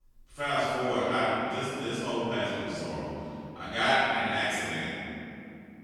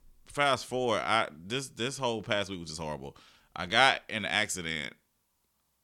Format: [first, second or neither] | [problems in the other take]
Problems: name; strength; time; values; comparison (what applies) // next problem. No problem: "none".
second | off-mic speech; far // room echo; strong; dies away in 3 s